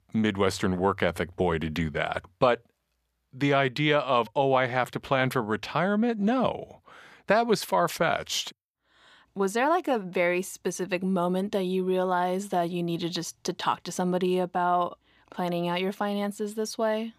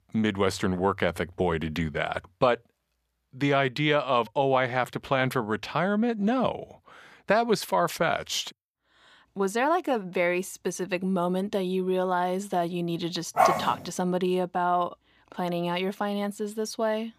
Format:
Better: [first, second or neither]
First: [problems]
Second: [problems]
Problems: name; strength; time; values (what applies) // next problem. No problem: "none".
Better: first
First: none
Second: dog barking; loud; at 13 s; peak 4 dB above the speech